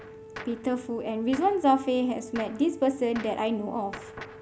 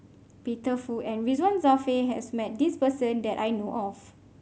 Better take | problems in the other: second | background sound (Wind instrument, woodwind instrument + Gunshot, gunfire); 15 dB below the speech

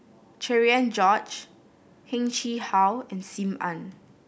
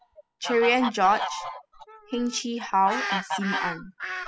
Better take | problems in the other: first | noise reduction (classical method spectral subtraction)

